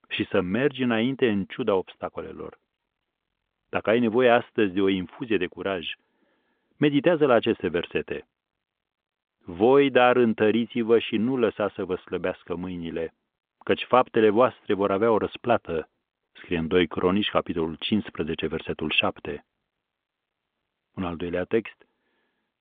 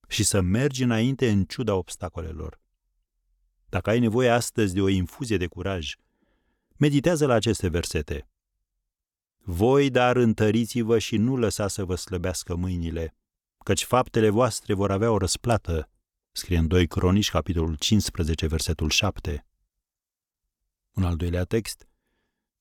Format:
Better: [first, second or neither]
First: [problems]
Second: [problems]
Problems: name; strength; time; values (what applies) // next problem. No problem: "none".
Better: second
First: phone-call audio; nothing above 3.5 kHz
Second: none